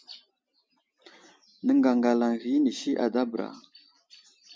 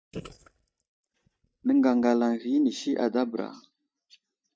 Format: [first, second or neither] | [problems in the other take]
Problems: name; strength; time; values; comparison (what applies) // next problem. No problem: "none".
first | noise reduction (neural mask model DeepFilterNet 3)